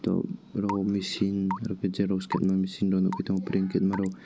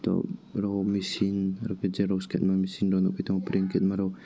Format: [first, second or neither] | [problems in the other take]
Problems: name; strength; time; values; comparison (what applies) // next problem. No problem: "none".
second | background sound (Raindrop / Drip / Water tap, faucet); 15 dB below the speech